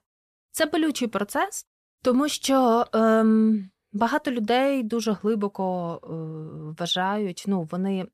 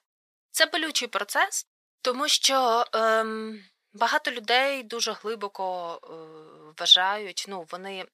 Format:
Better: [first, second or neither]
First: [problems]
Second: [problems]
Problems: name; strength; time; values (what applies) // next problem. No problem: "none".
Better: first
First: none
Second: thin; very; fading below 650 Hz